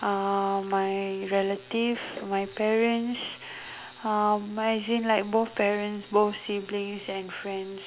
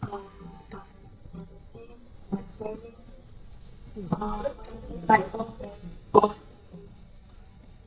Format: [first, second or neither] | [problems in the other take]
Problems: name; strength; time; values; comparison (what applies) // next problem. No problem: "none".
first | noise reduction (neural mask model DeepFilterNet 3)